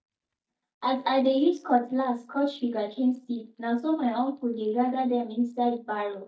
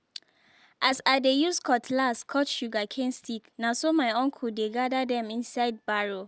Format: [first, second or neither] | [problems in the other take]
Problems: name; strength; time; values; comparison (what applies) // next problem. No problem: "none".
second | noise reduction (neural mask model DeepFilterNet 3)